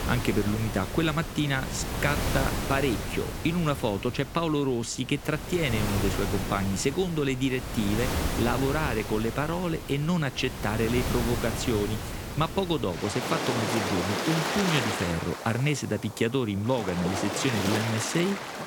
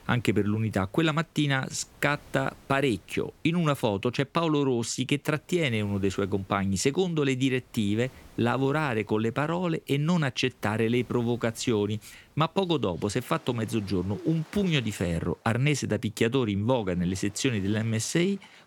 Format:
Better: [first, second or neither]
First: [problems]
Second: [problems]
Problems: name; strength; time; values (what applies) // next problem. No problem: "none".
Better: second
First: rain or running water; loud; throughout; 4 dB below the speech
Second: rain or running water; faint; throughout; 30 dB below the speech